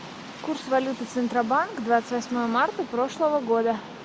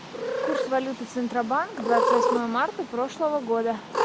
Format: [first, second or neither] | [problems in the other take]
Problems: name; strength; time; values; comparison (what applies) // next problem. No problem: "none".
first | background sound (Cat); 1 dB below the speech